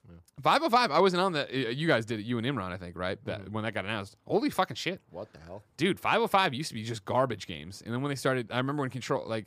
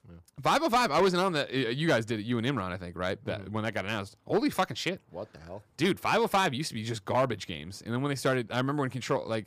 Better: first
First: none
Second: distortion; slight; 3% of the sound clipped

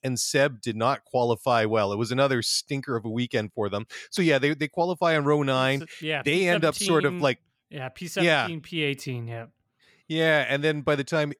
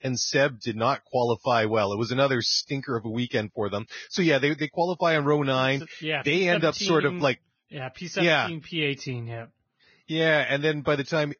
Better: first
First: none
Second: garbled, watery; badly; nothing above 6.5 kHz

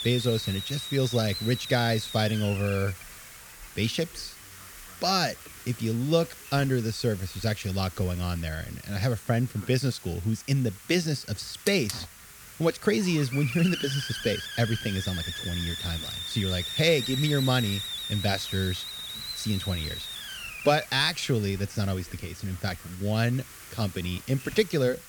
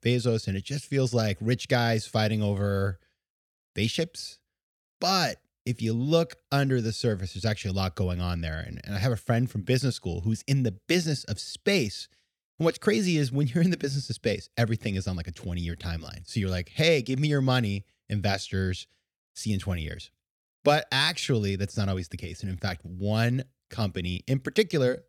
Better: second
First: hiss; loud; throughout; 8 dB below the speech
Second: none

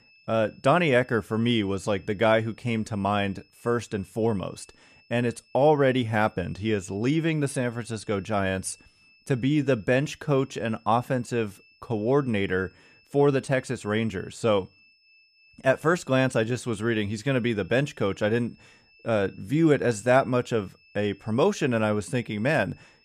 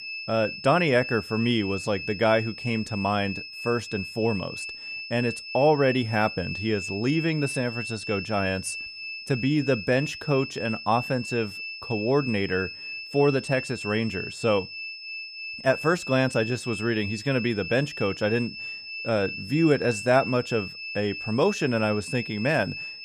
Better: first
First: high-pitched whine; faint; throughout; 2.5 kHz, 30 dB below the speech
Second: high-pitched whine; loud; throughout; 2.5 kHz, 8 dB below the speech

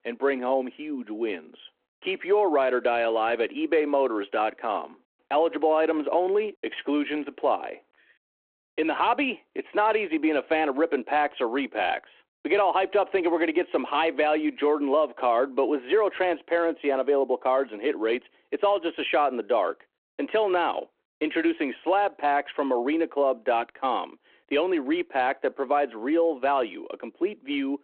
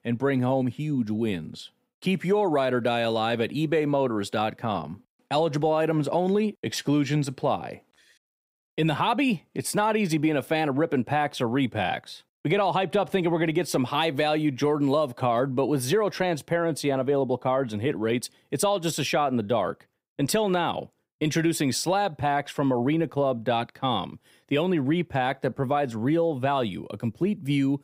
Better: second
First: phone-call audio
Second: none

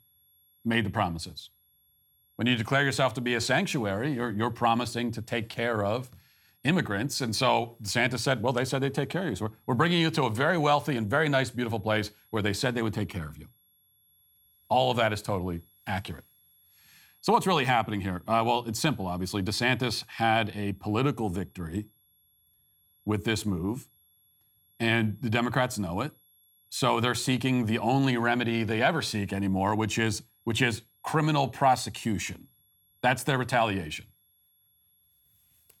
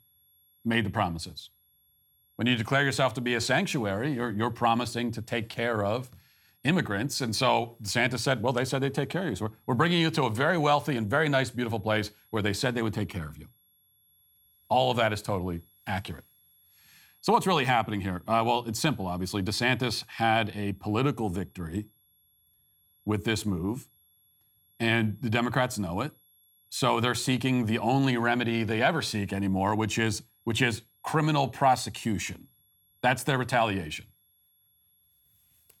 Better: neither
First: high-pitched whine; faint; throughout; 11.5 kHz, 35 dB below the speech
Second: high-pitched whine; faint; throughout; 11.5 kHz, 35 dB below the speech

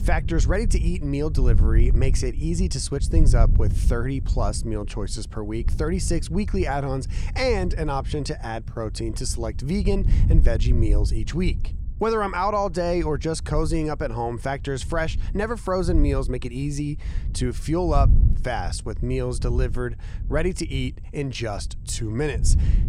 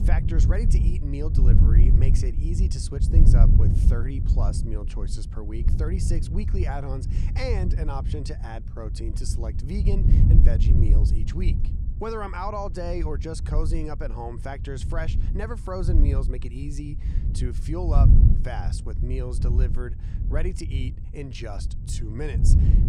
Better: first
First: wind noise on the microphone; occasional gusts; 15 dB below the speech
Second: wind noise on the microphone; heavy; 4 dB below the speech

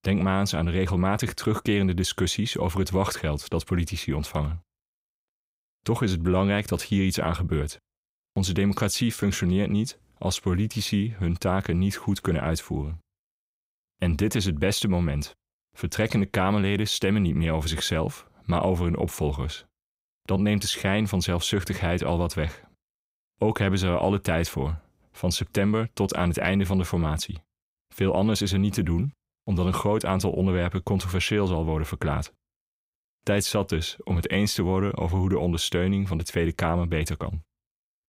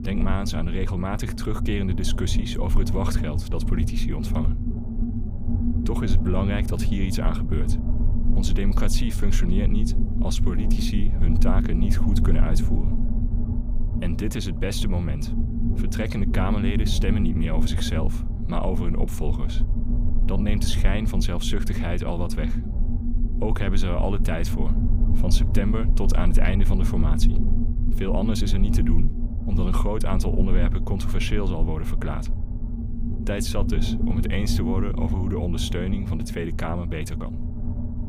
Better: first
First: none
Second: low rumble; loud; throughout; 5 dB below the speech

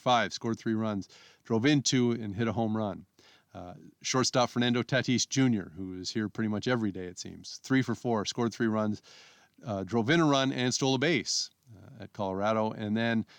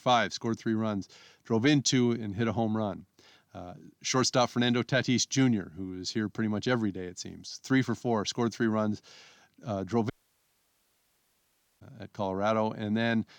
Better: first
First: none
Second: audio cutting out; at 10 s for 1.5 s

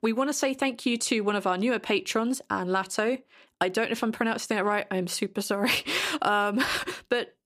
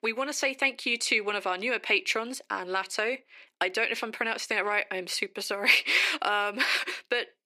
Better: first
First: none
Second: thin; somewhat; fading below 400 Hz

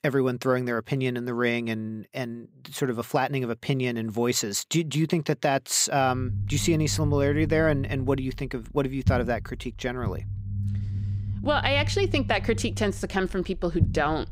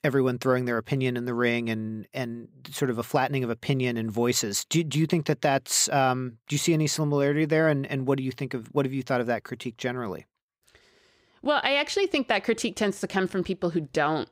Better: second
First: low rumble; noticeable; from 6 s on; 15 dB below the speech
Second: none

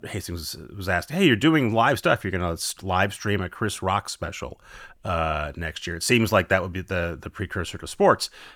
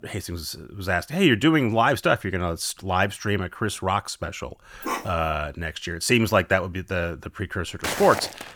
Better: first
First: none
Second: dog barking; noticeable; at 5 s; peak 6 dB below the speech // footsteps; noticeable; at 8 s; peak 4 dB below the speech

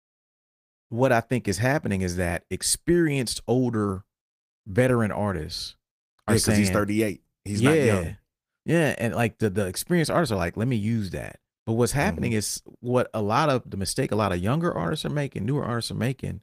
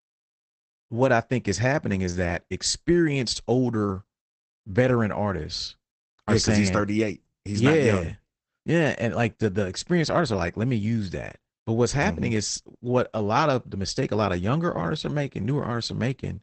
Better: first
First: garbled, watery; slightly; nothing above 15 kHz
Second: garbled, watery; badly; nothing above 8 kHz

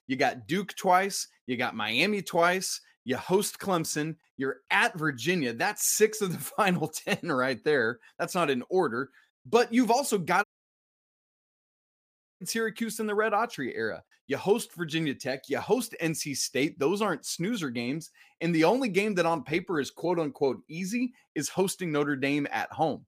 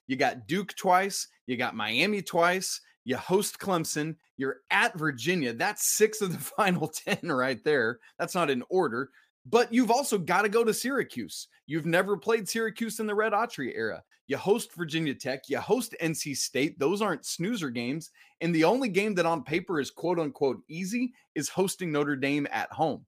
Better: second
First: audio cutting out; at 10 s for 2 s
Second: none

